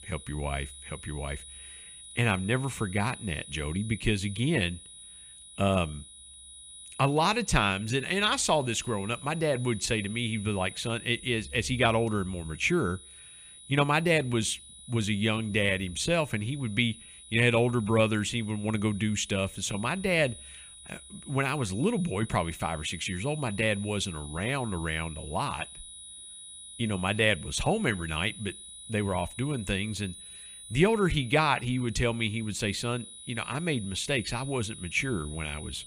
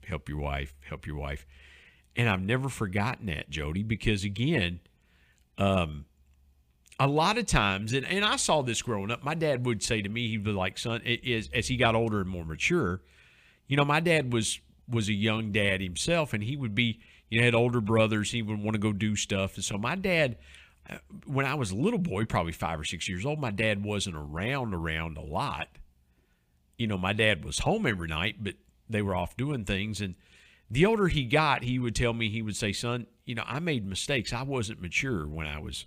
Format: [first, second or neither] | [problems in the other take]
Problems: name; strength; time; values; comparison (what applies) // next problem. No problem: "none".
second | high-pitched whine; noticeable; throughout; 10 kHz, 15 dB below the speech